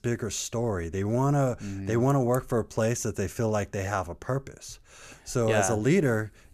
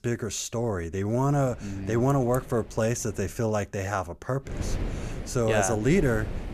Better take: first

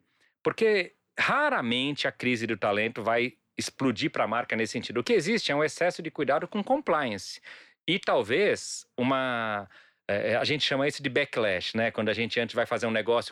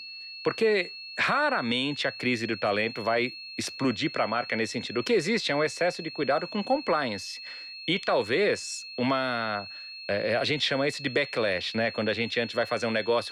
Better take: first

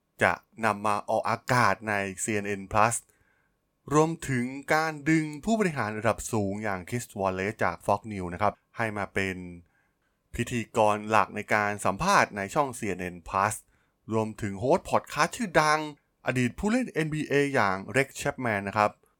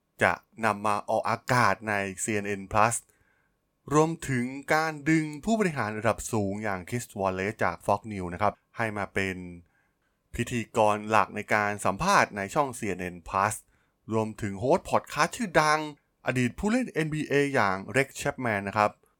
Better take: neither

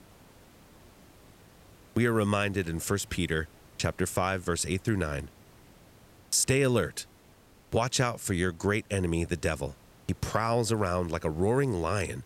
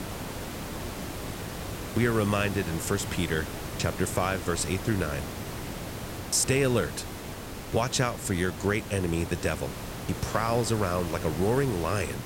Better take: first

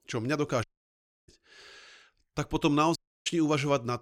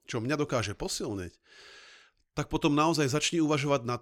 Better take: second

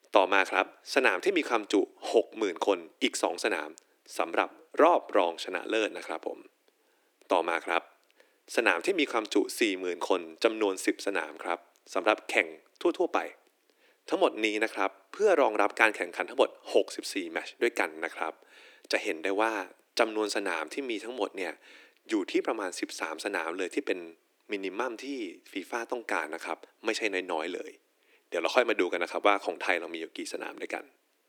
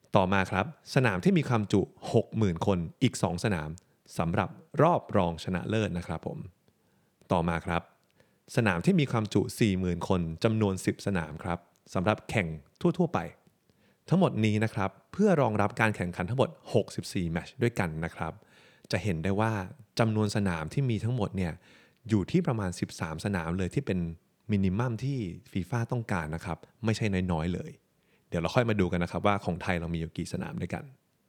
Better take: second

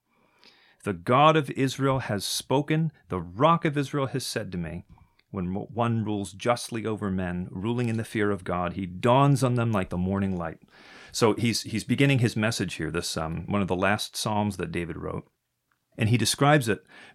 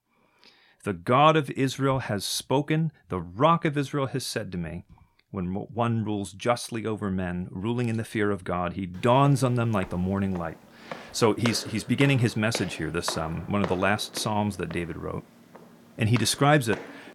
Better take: first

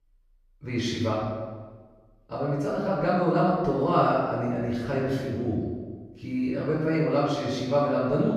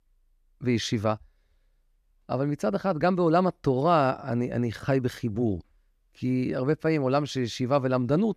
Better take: second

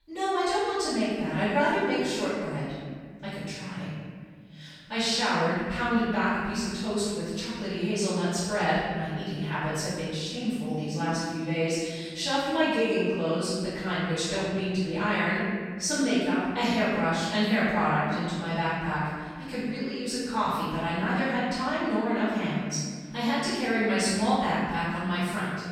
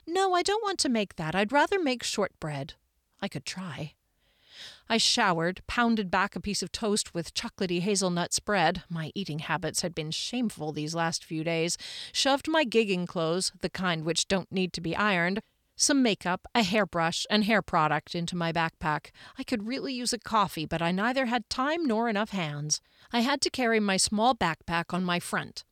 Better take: second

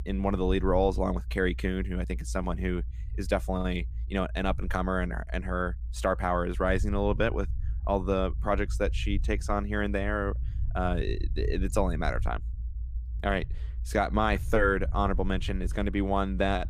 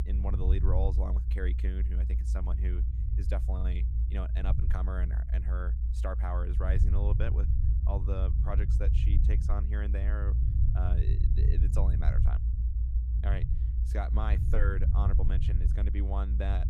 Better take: first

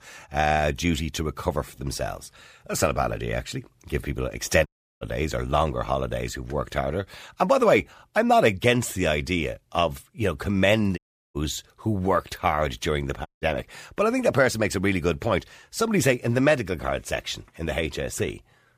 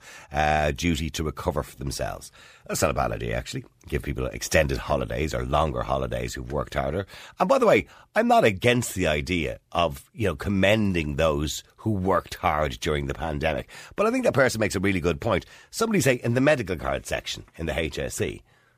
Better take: second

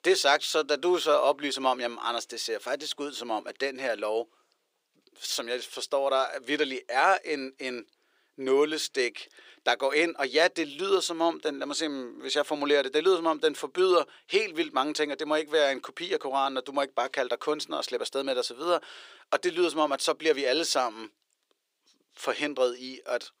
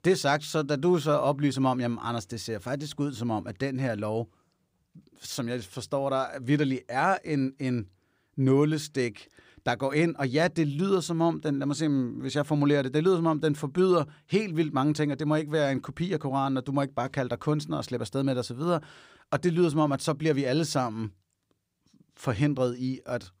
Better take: second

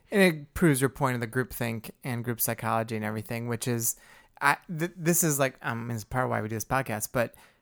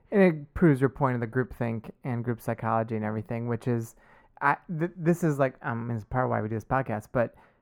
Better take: first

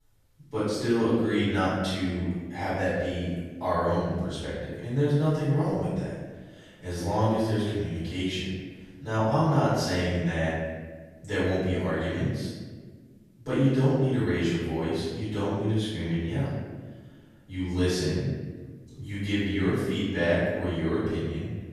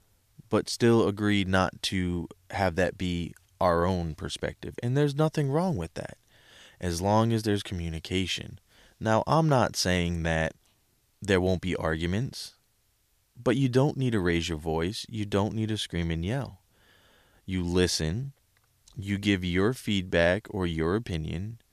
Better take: second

